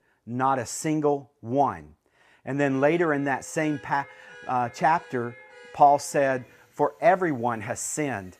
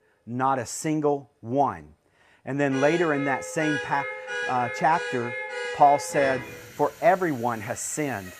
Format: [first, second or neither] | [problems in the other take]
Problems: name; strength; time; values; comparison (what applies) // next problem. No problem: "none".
first | traffic noise; loud; throughout; 7 dB below the speech; faint in the first